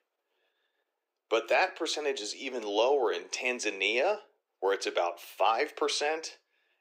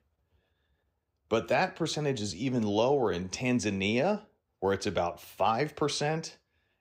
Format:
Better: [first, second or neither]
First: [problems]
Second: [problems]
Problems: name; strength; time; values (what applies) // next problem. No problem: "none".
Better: second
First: thin; very; fading below 350 Hz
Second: none